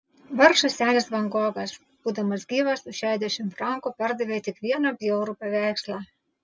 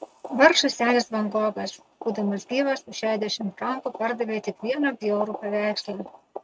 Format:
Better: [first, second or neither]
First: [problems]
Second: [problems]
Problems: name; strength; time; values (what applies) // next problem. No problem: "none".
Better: first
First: none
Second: noise reduction (neural mask model RNNoise)